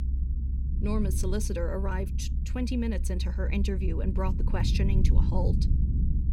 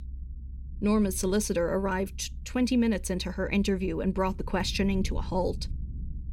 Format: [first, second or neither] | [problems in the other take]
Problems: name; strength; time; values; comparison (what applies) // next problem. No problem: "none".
second | low rumble; loud; throughout; 8 dB below the speech; faint in the second